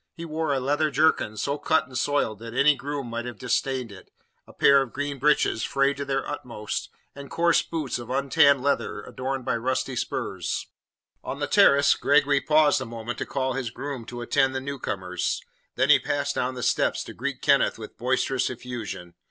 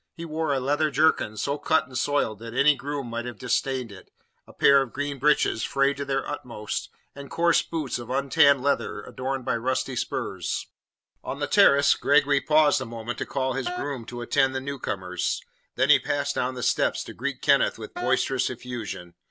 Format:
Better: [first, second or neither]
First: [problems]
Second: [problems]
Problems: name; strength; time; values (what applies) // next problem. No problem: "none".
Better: first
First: none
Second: background sound (Wind instrument, woodwind instrument); 10 dB below the speech